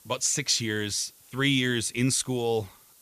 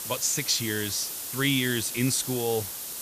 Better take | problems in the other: first | hiss; loud; throughout; 5 dB below the speech; faint in the first

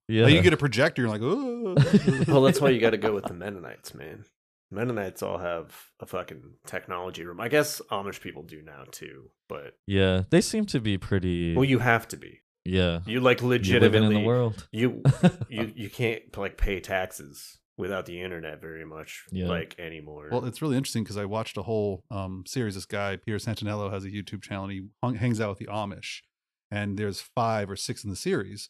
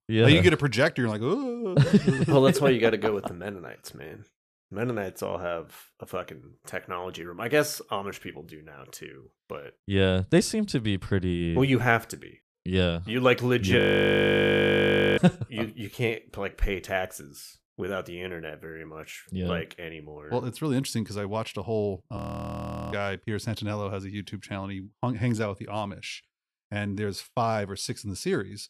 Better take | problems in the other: first | audio freezing; at 14 s for 1.5 s and at 22 s for 1 s

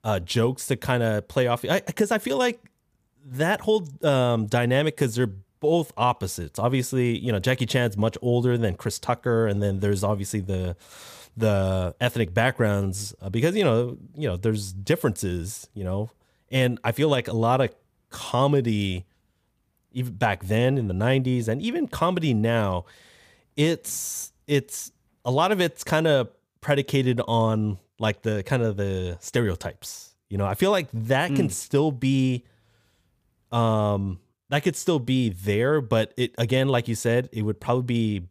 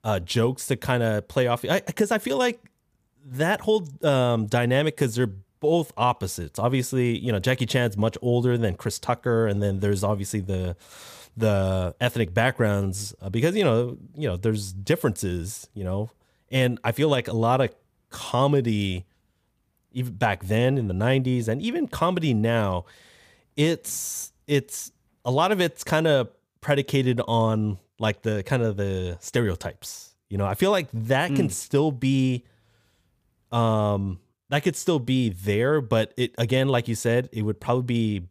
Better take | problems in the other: neither | none

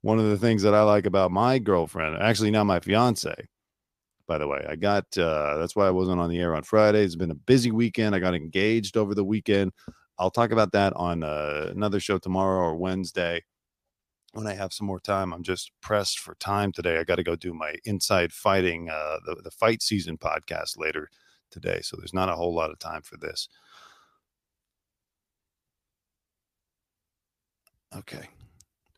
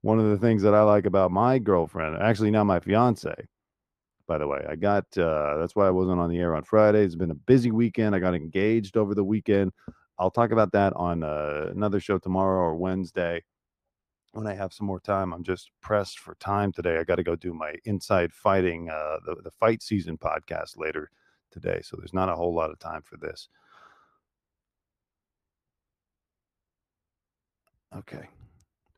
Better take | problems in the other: first | muffled; slightly; fading above 2.5 kHz

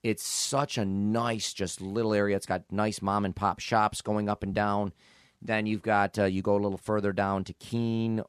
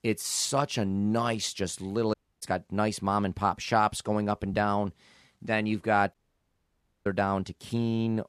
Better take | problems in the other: first | audio cutting out; at 2 s and at 6 s for 1 s

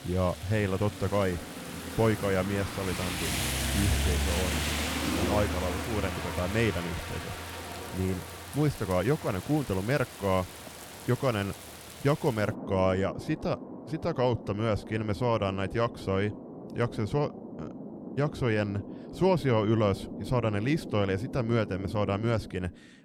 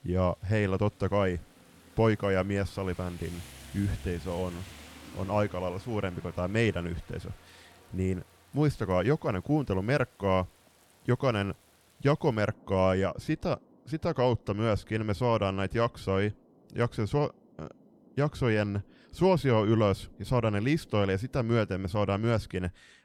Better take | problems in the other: second | rain or running water; loud; throughout; 6 dB below the speech; faint in the second

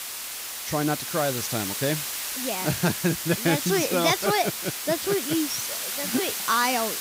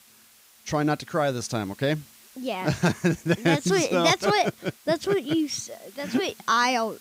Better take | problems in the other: second | hiss; loud; throughout; 3 dB below the speech; faint in the second

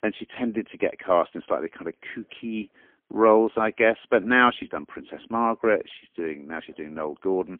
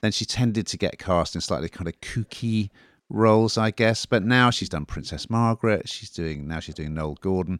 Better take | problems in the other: second | phone-call audio; poor line; nothing above 3.5 kHz

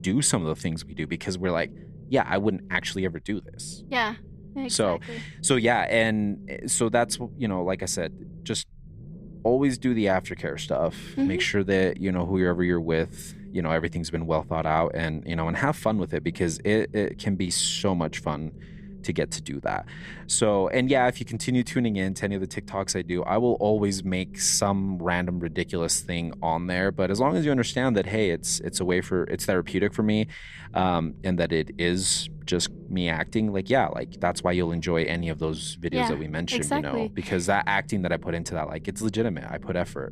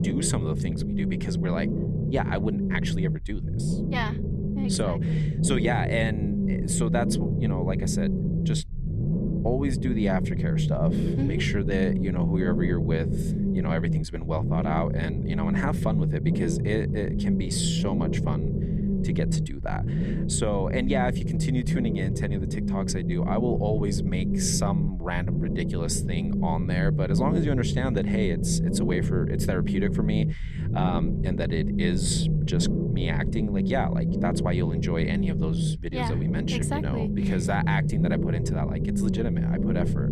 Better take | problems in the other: first | low rumble; loud; throughout; 3 dB below the speech; faint in the first

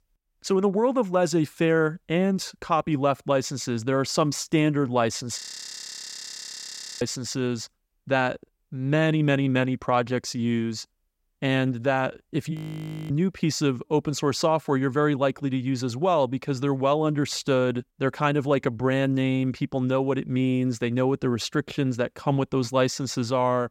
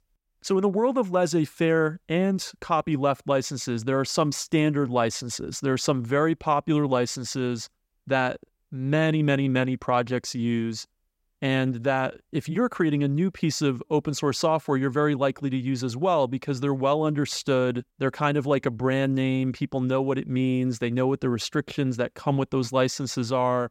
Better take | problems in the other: second | audio freezing; at 5.5 s for 1.5 s and at 13 s for 0.5 s

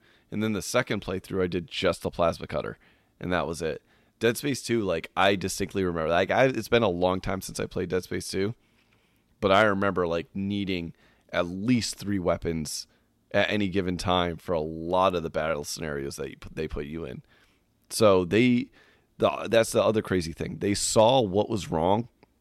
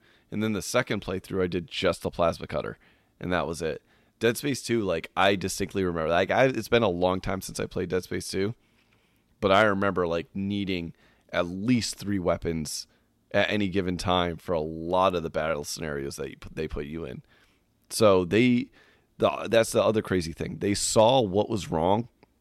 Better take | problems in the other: neither | none

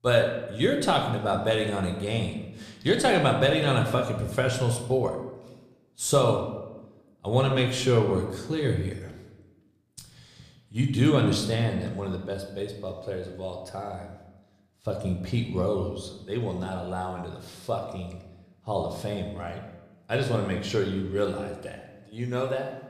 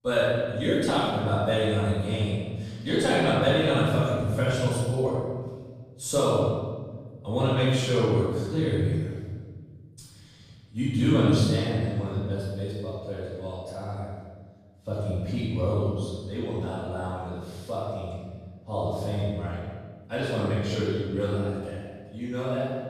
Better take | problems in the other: first | room echo; strong; dies away in 1.4 s; slight in the first // off-mic speech; far

